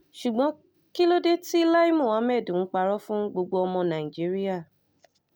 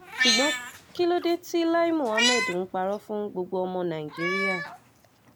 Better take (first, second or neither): first